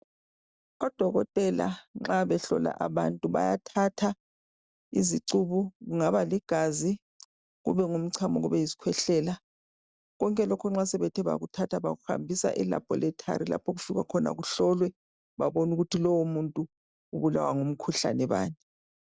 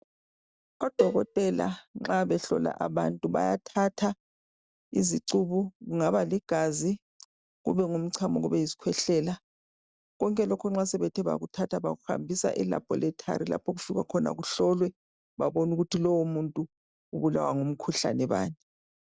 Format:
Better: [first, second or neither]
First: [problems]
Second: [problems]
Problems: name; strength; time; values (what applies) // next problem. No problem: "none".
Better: first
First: none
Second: background sound (Cowbell); 4 dB below the speech